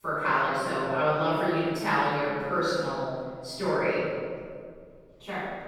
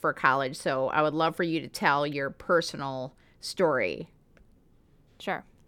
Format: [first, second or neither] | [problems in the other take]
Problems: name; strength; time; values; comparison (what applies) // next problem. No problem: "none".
second | room echo; strong; dies away in 1.7 s // off-mic speech; far